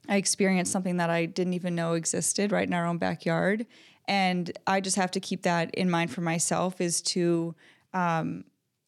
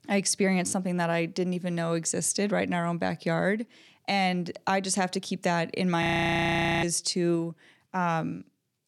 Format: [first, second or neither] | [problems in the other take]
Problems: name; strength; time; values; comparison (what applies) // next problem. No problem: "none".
first | audio freezing; at 6 s for 1 s